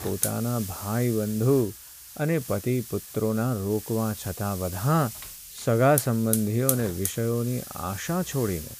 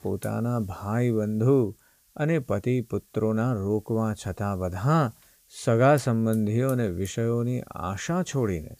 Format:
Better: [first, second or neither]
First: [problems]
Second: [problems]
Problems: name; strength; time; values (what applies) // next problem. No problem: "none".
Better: second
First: hiss; loud; throughout; 7 dB below the speech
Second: hiss; faint; throughout; 25 dB below the speech